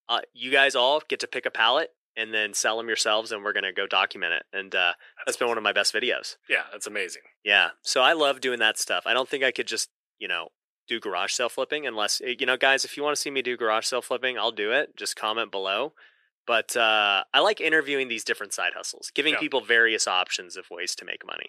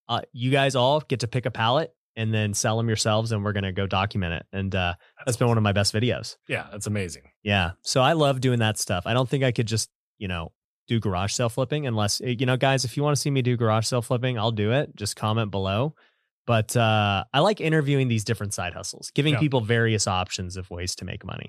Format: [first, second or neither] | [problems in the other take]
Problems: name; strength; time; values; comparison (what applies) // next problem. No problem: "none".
second | thin; very; fading below 350 Hz